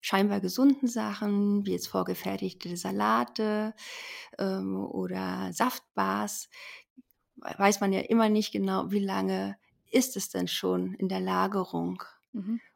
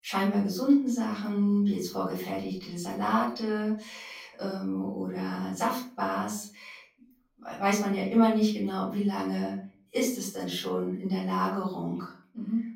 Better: first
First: none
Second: off-mic speech; far // room echo; slight; dies away in 0.3 s

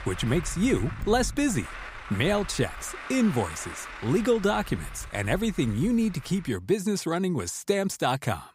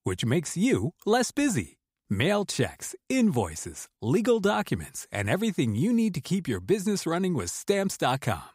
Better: second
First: traffic noise; noticeable; throughout; 15 dB below the speech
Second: none

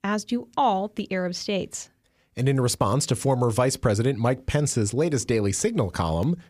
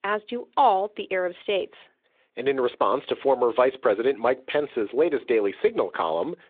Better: first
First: none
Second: phone-call audio; nothing above 3.5 kHz

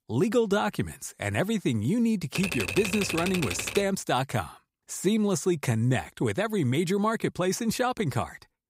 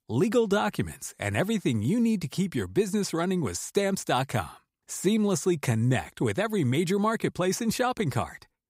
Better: second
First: keyboard typing; noticeable; from 2.5 to 4 s; peak 2 dB below the speech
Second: none

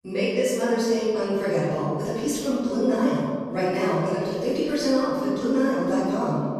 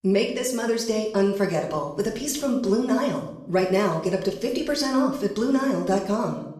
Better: second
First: room echo; strong; dies away in 1.9 s // off-mic speech; far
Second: room echo; slight; dies away in 0.6 s // off-mic speech; somewhat distant

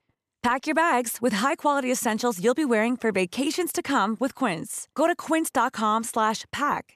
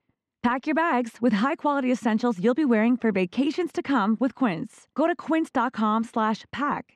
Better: first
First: none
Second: muffled; slightly; fading above 3.5 kHz

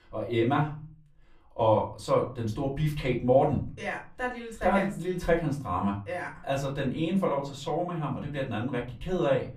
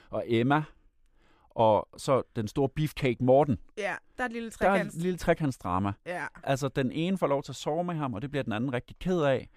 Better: second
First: off-mic speech; far // room echo; very slight; dies away in 0.4 s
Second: none

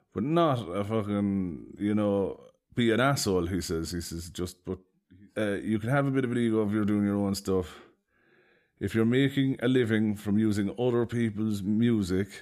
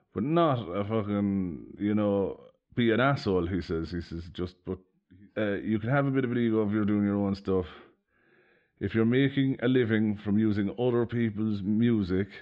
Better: first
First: none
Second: muffled; slightly; fading above 3.5 kHz

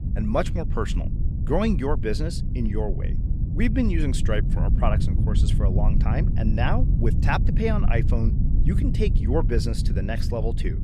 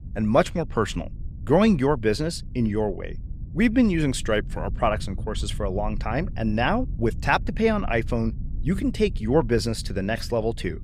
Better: second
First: low rumble; loud; throughout; 8 dB below the speech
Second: low rumble; faint; throughout; 25 dB below the speech

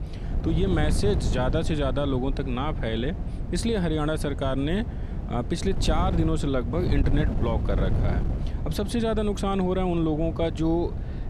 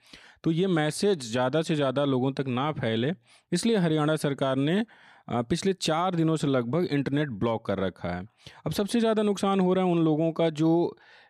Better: second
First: wind noise on the microphone; occasional gusts; 10 dB below the speech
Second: none

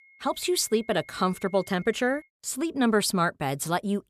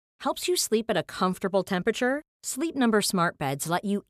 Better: second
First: high-pitched whine; faint; until 2 s; 2 kHz, 25 dB below the speech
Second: none

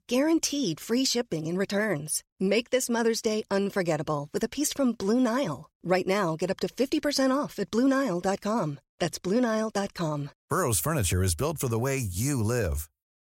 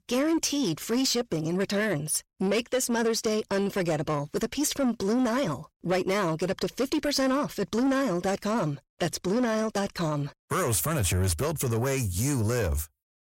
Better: first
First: none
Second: distortion; slight; 10 dB below the speech

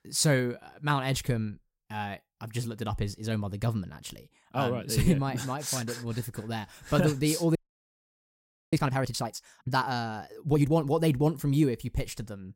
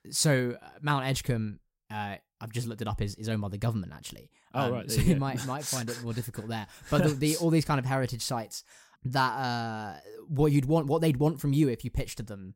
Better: second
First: audio freezing; at 7.5 s for 1 s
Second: none

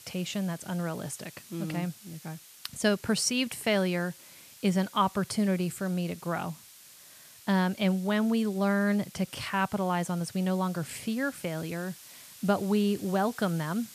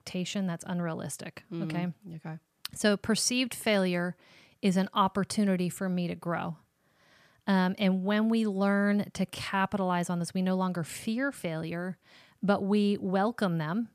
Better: second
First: hiss; noticeable; throughout; 20 dB below the speech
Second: none

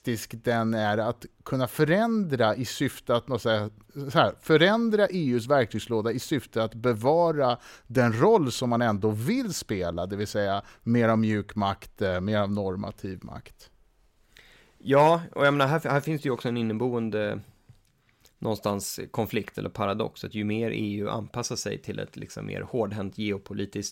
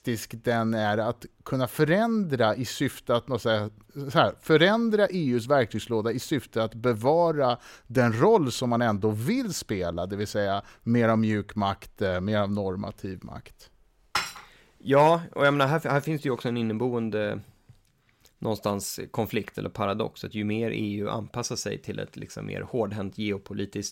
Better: first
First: none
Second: clattering dishes; noticeable; at 14 s; peak 3 dB below the speech

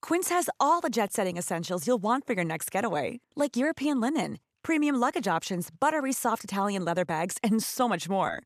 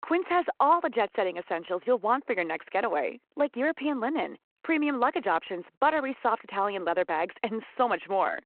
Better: first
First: none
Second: phone-call audio

